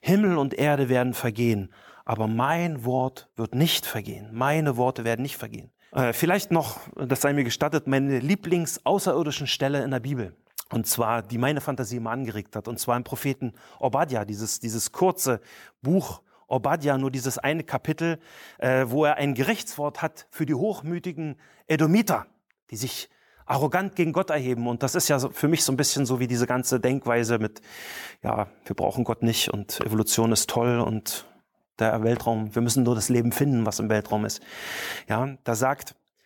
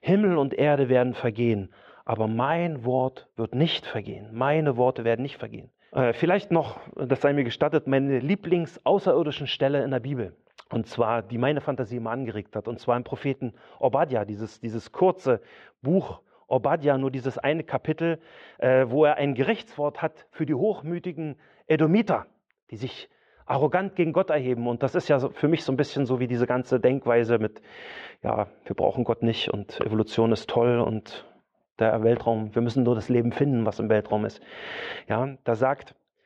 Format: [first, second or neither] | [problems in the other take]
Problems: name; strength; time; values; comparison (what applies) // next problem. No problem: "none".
first | muffled; very; fading above 3.5 kHz